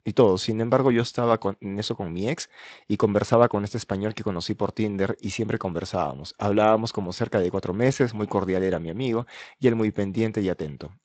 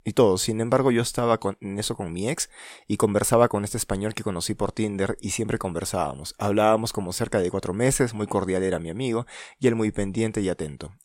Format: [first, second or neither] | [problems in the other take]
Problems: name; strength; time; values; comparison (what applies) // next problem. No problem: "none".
second | garbled, watery; slightly; nothing above 8 kHz